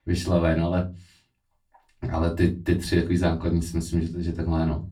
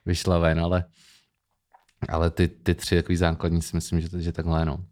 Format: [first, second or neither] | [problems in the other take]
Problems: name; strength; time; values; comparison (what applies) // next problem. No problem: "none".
second | off-mic speech; far // room echo; very slight; dies away in 0.2 s